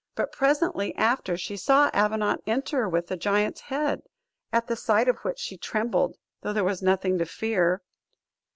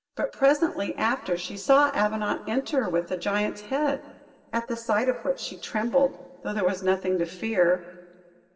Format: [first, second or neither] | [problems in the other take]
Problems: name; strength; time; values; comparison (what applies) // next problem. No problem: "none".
first | room echo; dies away in 1.7 s